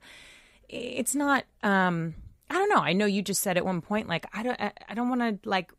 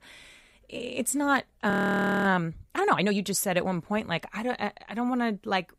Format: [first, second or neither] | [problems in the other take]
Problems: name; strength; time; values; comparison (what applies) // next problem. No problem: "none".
first | audio freezing; at 1.5 s for 0.5 s